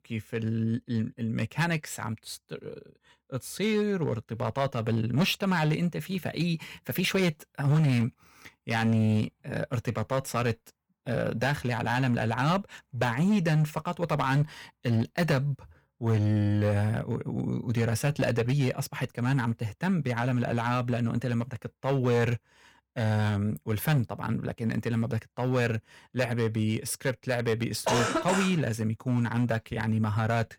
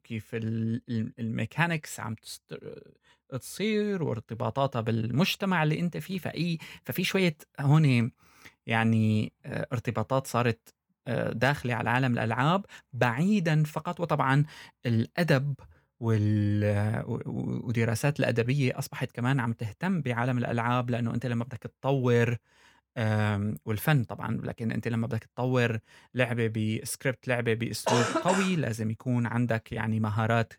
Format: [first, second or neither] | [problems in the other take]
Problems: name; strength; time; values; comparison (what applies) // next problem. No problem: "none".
second | distortion; slight; 5% of the sound clipped